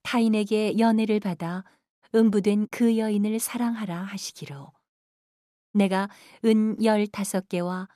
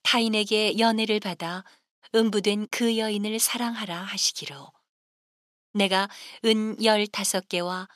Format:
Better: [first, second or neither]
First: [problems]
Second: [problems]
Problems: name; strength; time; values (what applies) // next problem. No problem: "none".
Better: first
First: none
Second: thin; very slightly; fading below 1 kHz